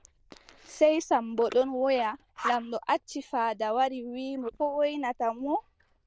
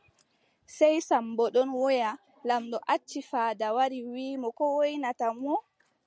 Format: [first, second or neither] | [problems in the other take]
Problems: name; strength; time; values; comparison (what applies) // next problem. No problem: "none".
second | noise reduction (neural diffusion model UNIVERSE++)